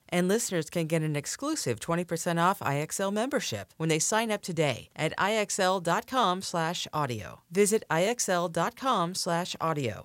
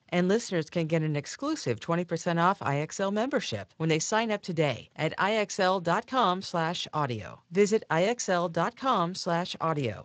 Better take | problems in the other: first | garbled, watery; slightly; nothing above 7.5 kHz

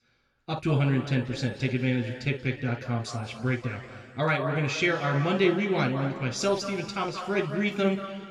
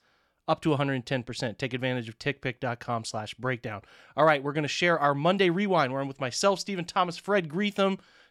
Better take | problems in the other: second | room echo; noticeable; dies away in 2.1 s // off-mic speech; somewhat distant

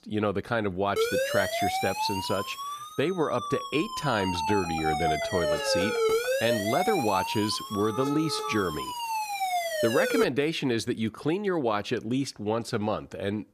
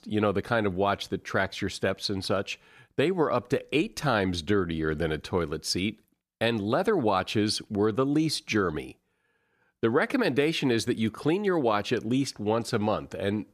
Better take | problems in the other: second | siren; loud; from 1 to 10 s; peak 4 dB above the speech

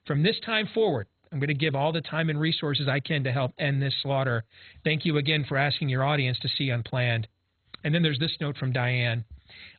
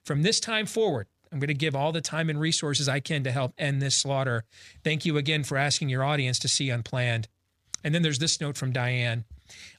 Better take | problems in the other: second | garbled, watery; badly; nothing above 4 kHz

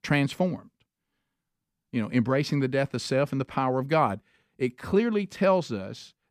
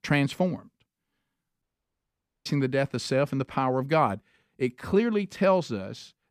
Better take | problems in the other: first | audio cutting out; at 1.5 s for 1 s

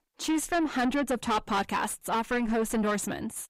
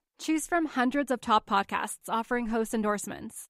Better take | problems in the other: second | distortion; heavy; 6 dB below the speech

